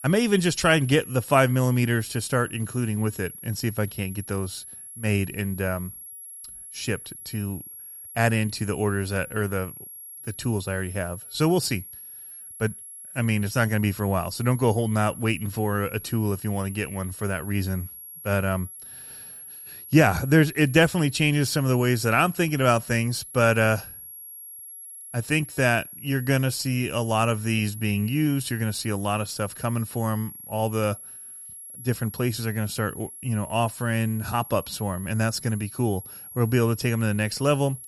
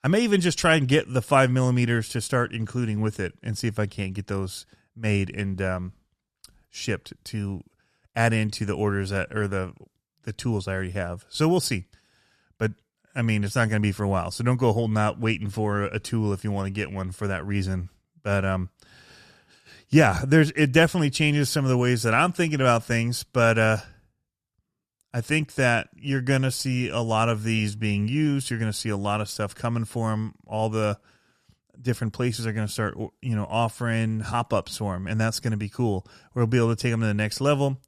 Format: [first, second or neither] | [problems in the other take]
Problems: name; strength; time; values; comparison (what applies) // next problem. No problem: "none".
second | high-pitched whine; noticeable; throughout; 11.5 kHz, 15 dB below the speech